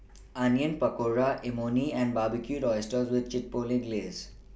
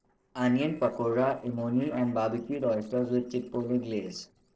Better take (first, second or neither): first